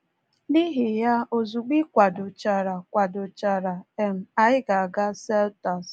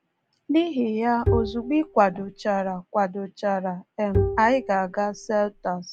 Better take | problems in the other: first | background sound (Bowed string instrument); 5 dB below the speech

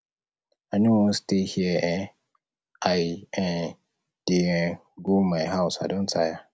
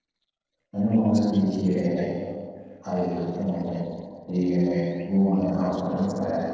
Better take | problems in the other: first | noise reduction (neural separator model SepFormer DNS4)

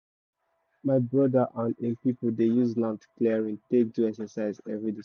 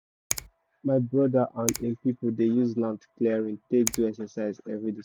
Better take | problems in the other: first | background sound (Finger snapping); 12 dB below the speech

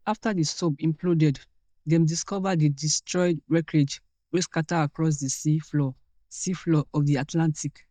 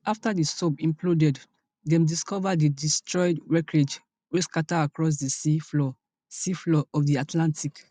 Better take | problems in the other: second | noise reduction (neural mask model DeepFilterNet 3)

